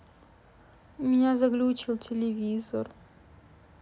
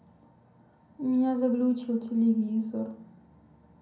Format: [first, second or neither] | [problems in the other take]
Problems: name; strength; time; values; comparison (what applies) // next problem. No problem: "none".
first | room echo; dies away in 0.6 s